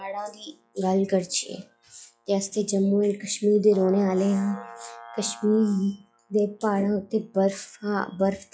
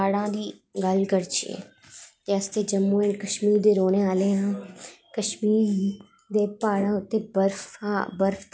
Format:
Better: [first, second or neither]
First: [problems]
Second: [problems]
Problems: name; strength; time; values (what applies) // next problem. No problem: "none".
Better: second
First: noise reduction (classical method log-MMSE)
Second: none